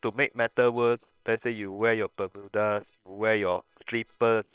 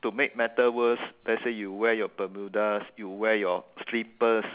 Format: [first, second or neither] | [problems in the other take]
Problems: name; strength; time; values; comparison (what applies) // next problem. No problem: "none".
second | noise reduction (neural separator model SepFormer WHAM!)